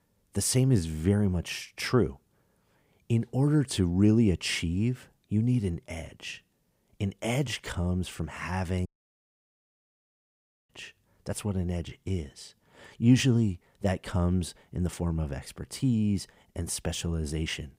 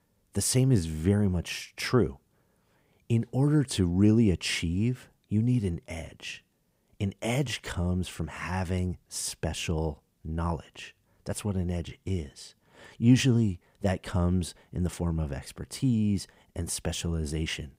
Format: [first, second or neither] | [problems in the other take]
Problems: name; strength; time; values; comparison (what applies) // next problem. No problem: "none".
second | audio cutting out; at 9 s for 2 s